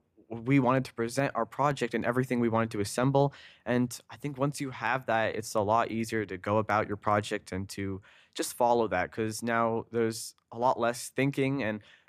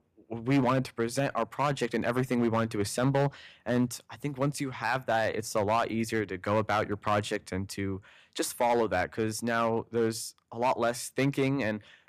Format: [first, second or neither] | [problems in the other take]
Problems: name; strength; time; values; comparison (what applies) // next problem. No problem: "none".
first | distortion; slight; 4% of the sound clipped